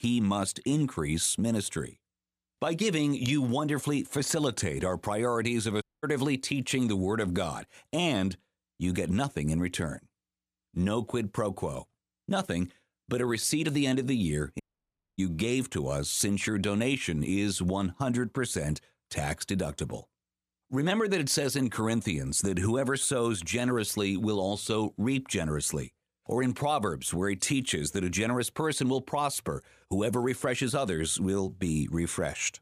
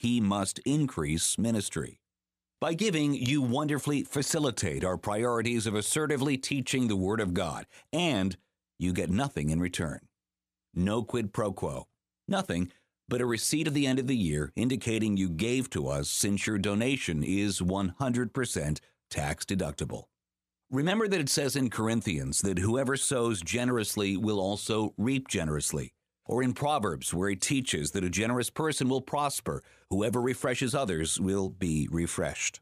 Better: second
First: audio cutting out; at 6 s and at 15 s for 0.5 s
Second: none

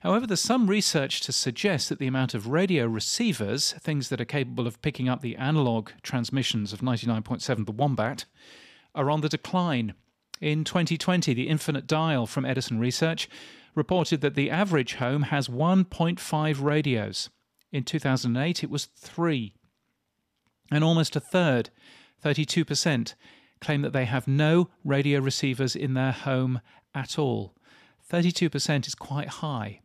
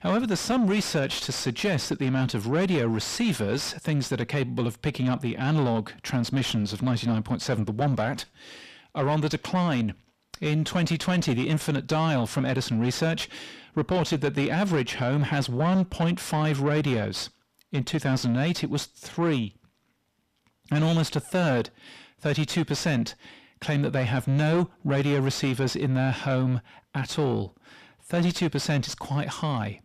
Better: first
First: none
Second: distortion; slight; 10 dB below the speech

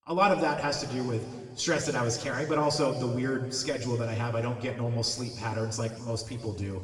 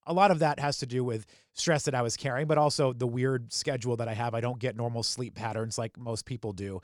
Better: second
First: room echo; noticeable; dies away in 1.9 s // off-mic speech; somewhat distant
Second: none

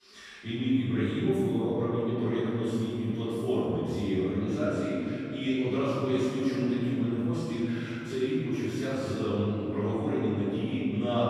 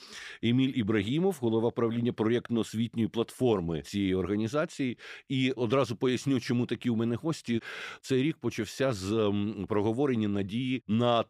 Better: second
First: off-mic speech; far // room echo; strong; dies away in 3 s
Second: none

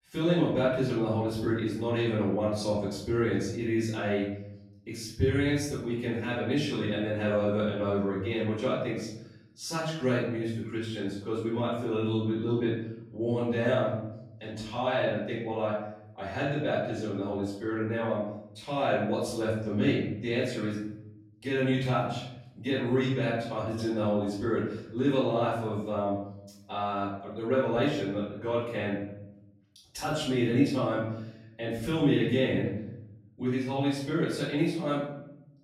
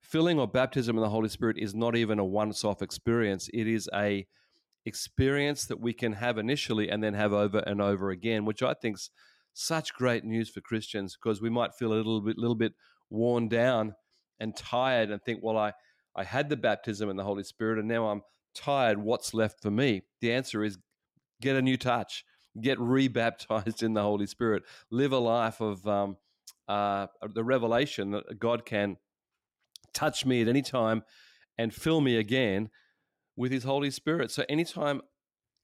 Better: second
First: off-mic speech; far // room echo; noticeable; dies away in 0.9 s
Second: none

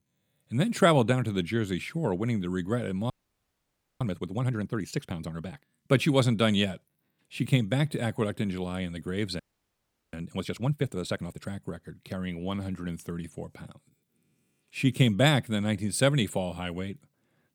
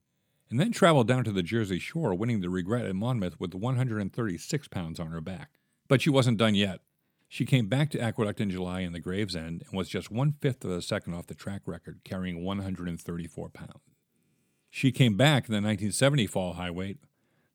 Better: second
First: audio freezing; at 3 s for 1 s and at 9.5 s for 0.5 s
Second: none

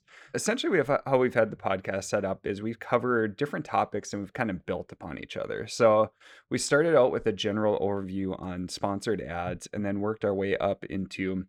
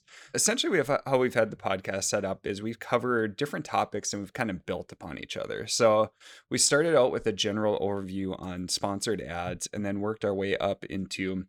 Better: second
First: muffled; slightly; fading above 3 kHz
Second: none

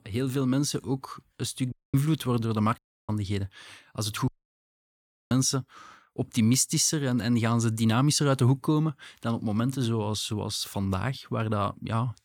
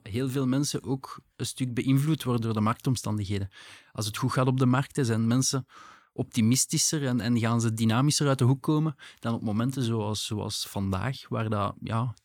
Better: second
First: audio cutting out; at 1.5 s, at 3 s and at 4.5 s for 1 s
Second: none

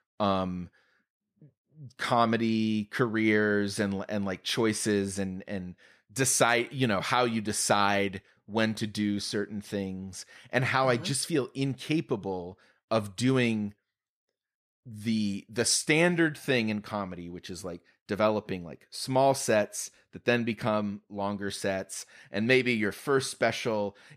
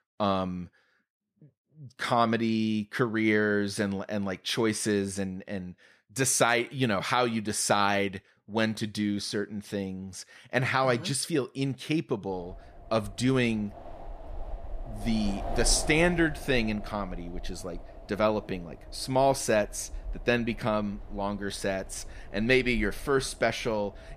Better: first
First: none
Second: wind noise on the microphone; occasional gusts; from 12 s on; 15 dB below the speech

